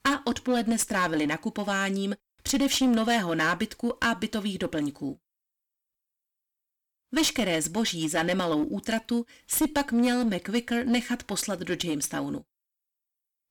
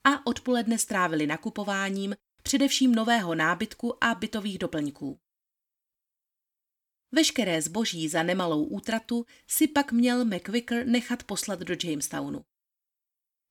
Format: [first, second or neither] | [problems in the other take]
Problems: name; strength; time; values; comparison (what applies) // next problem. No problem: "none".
second | distortion; slight; 8% of the sound clipped